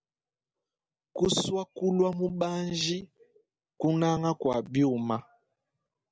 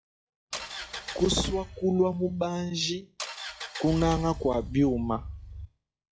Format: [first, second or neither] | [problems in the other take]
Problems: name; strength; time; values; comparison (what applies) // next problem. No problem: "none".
first | noise reduction (classical method log-MMSE)